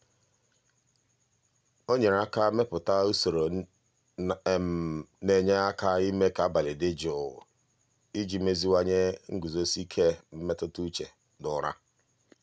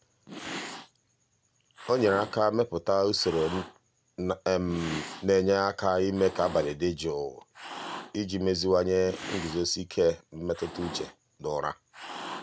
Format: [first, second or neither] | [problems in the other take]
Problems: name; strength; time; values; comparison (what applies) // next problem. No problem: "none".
first | background sound (Cat); 14 dB below the speech